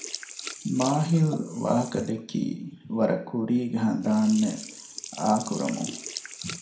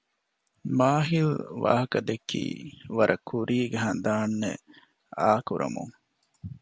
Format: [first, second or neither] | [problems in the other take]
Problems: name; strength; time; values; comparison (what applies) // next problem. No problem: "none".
second | background sound (Sink (filling or washing)); 13 dB below the speech // room echo; dies away in 0.4 s